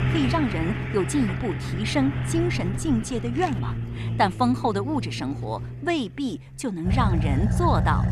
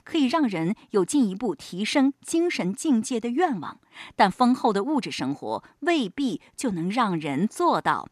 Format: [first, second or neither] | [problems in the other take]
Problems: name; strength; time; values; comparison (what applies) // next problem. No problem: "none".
second | traffic noise; loud; throughout; 2 dB below the speech